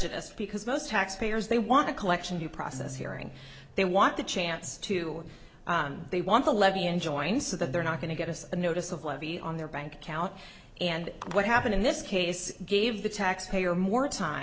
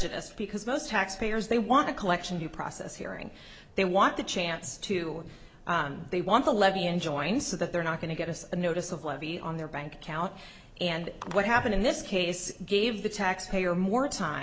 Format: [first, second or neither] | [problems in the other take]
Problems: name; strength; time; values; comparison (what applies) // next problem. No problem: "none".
second | background sound (Acoustic guitar); 17 dB below the speech